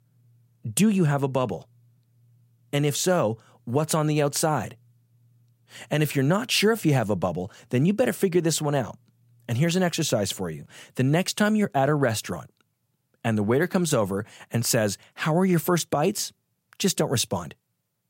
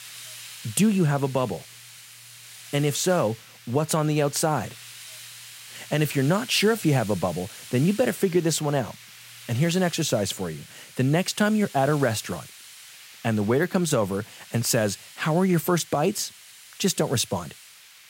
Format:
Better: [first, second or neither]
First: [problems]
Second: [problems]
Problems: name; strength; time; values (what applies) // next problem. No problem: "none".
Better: first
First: none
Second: hiss; noticeable; throughout; 15 dB below the speech